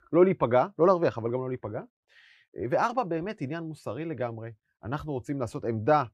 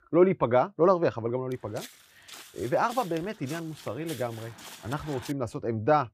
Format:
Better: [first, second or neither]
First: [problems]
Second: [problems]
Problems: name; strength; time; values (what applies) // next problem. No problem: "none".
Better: first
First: none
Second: footsteps; faint; from 1.5 to 5.5 s; peak 15 dB below the speech